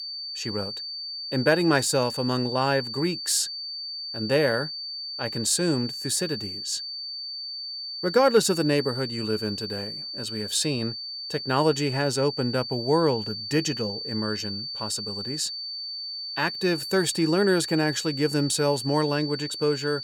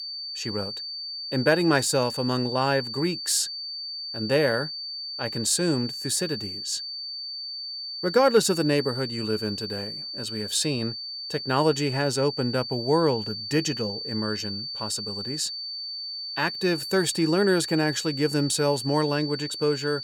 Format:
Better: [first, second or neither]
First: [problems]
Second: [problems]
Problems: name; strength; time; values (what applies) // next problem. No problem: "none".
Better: neither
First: high-pitched whine; loud; throughout; 4.5 kHz, 6 dB below the speech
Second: high-pitched whine; loud; throughout; 4.5 kHz, 6 dB below the speech